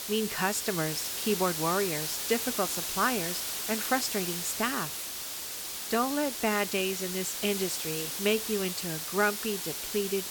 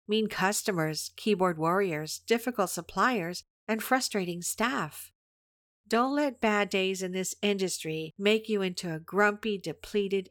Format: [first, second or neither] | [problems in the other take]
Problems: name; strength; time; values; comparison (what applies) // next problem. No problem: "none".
second | hiss; loud; throughout; 2 dB below the speech